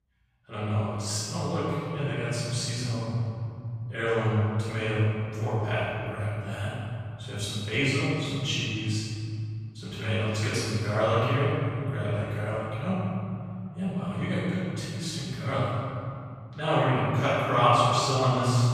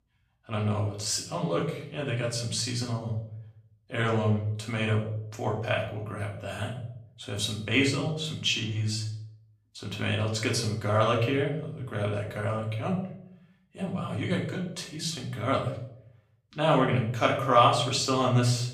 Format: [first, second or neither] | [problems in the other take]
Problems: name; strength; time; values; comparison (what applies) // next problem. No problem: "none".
second | room echo; strong; dies away in 2.5 s; slight in the second // off-mic speech; far; far in the second